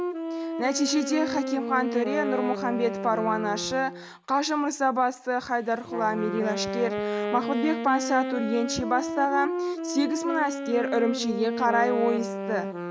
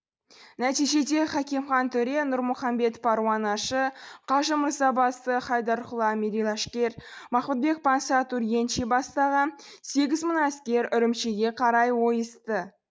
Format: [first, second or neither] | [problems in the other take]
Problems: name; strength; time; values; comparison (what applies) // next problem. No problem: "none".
second | background sound (Wind instrument, woodwind instrument); 5 dB below the speech